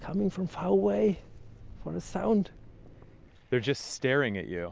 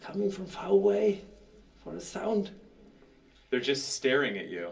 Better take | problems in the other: first | room echo; dies away in 0.3 s

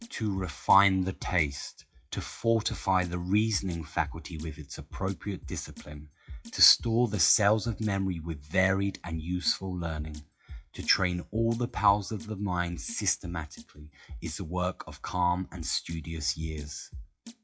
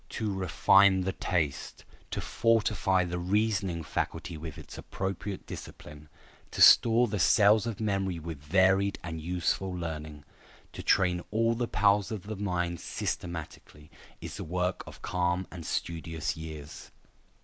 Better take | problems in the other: second | noise reduction (classical method WPE with log-MMSE)

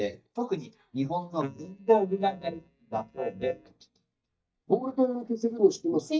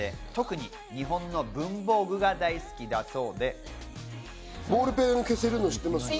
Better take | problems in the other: second | noise reduction (neural mask model DeepFilterNet 3)

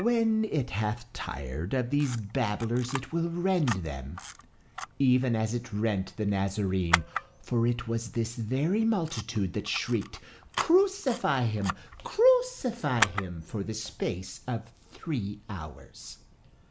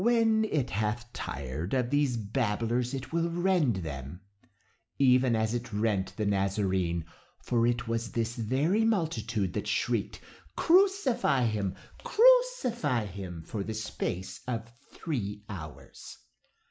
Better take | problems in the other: second | background sound (Camera); 11 dB below the speech

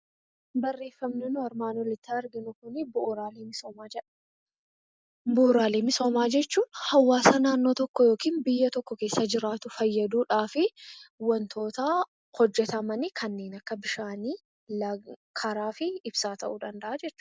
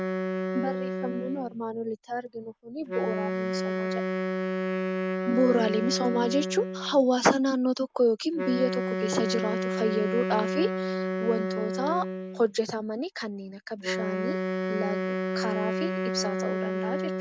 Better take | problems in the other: first | background sound (Wind instrument, woodwind instrument); 1 dB below the speech

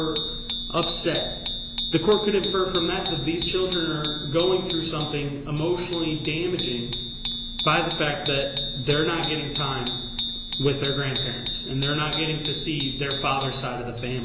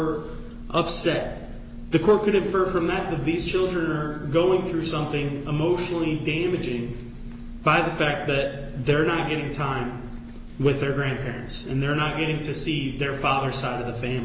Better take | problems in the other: second | background sound (Bicycle bell); 5 dB below the speech

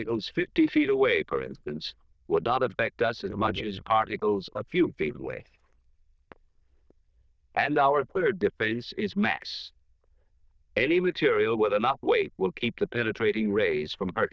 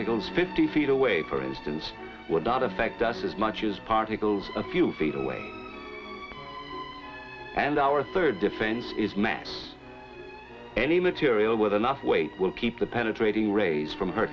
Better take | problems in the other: second | noise reduction (neural diffusion model UNIVERSE++)

